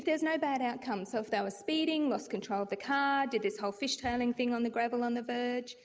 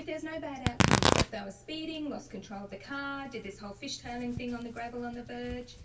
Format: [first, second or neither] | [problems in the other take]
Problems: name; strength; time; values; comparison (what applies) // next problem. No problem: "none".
first | background sound (Tearing); 5 dB above the speech // room echo; dies away in 0.1 s